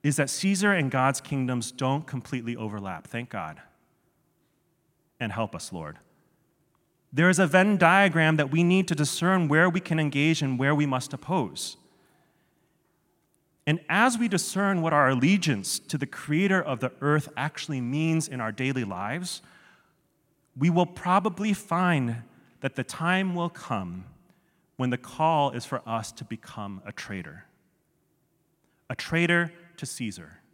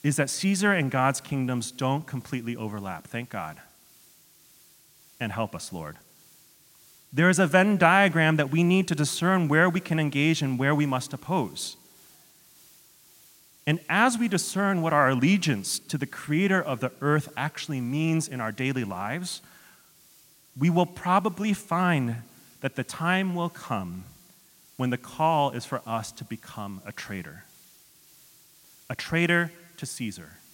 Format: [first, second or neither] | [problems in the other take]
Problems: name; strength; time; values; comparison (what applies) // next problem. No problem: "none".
first | hiss; faint; throughout; 30 dB below the speech